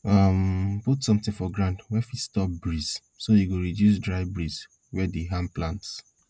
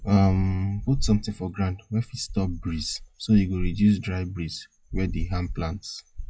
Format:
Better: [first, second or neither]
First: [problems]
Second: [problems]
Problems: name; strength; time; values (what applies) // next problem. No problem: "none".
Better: first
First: none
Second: noise reduction (classical method log-MMSE)